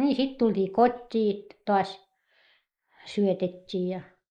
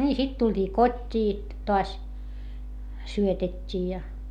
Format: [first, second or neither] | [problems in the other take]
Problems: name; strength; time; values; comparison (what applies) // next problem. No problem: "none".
second | noise reduction (neural mask model Resemble Enhance denoiser)